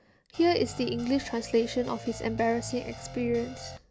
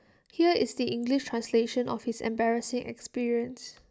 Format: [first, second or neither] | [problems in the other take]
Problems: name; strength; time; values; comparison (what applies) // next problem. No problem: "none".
second | background sound (Guitar); 13 dB below the speech